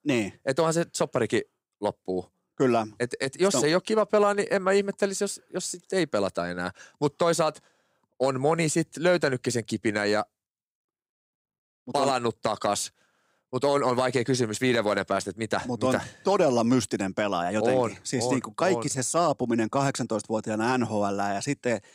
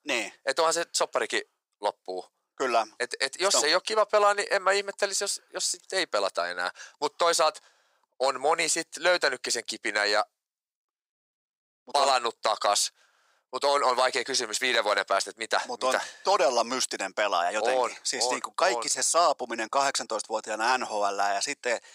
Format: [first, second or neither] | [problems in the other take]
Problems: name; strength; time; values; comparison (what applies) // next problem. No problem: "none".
first | thin; very; fading below 750 Hz